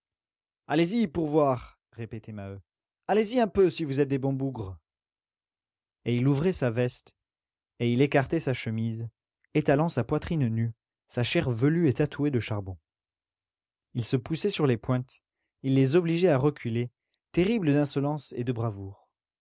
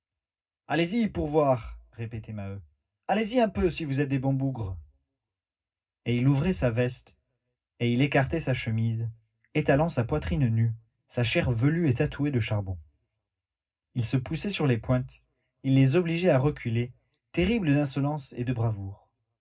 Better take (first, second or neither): first